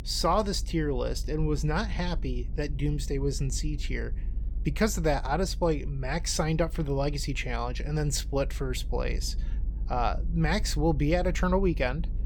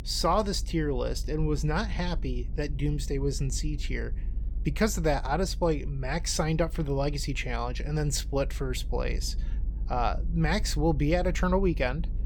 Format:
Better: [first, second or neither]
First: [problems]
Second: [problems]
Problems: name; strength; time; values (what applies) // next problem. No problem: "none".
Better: neither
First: low rumble; faint; throughout; 25 dB below the speech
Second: low rumble; faint; throughout; 25 dB below the speech